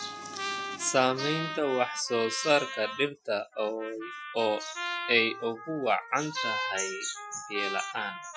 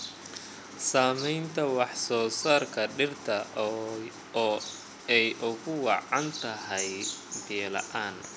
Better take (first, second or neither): second